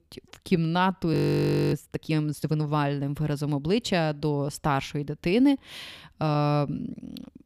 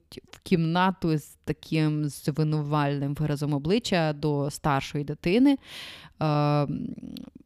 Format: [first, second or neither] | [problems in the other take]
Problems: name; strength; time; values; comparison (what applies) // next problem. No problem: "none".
second | audio freezing; at 1 s for 0.5 s